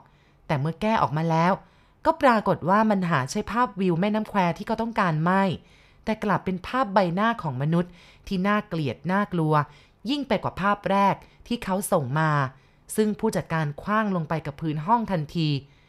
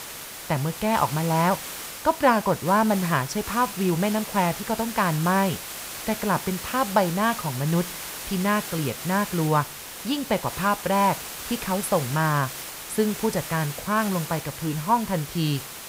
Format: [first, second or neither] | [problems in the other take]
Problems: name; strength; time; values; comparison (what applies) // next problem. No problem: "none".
first | hiss; loud; throughout; 9 dB below the speech